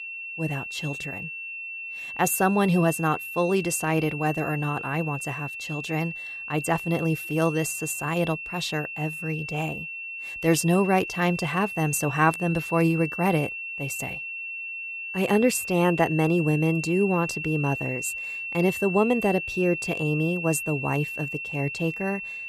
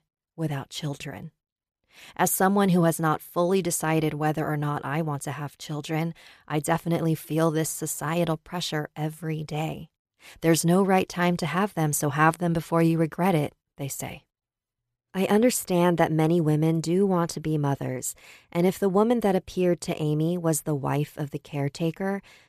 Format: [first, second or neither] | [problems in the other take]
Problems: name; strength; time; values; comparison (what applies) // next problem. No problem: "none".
second | high-pitched whine; loud; throughout; 2.5 kHz, 6 dB below the speech